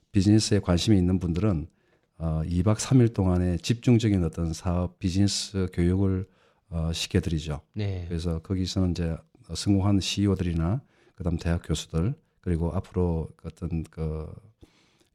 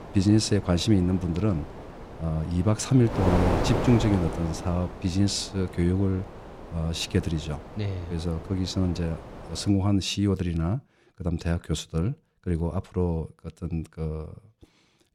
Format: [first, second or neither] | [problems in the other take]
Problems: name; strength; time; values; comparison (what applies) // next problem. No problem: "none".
first | wind noise on the microphone; heavy; until 9.5 s; 5 dB below the speech